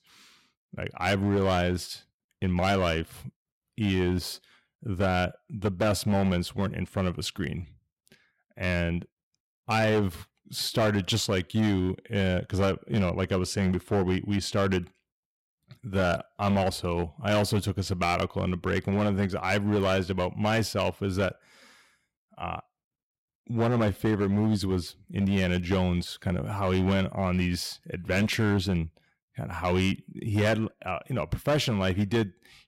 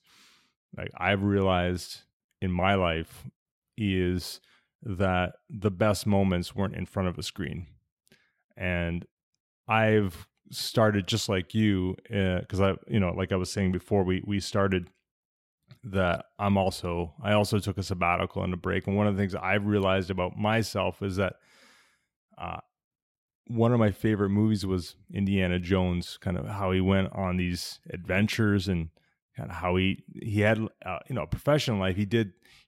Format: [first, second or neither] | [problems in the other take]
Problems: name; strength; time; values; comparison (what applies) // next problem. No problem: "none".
second | distortion; slight; 7% of the sound clipped